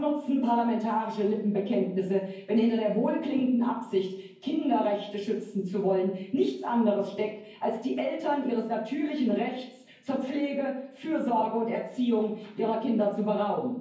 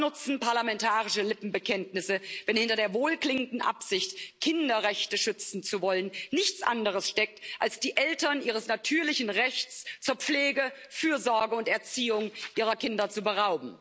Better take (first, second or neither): second